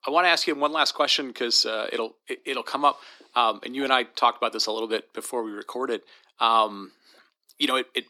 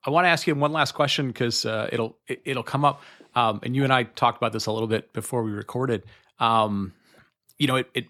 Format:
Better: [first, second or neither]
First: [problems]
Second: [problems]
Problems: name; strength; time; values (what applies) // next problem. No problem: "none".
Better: second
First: thin; somewhat; fading below 250 Hz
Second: none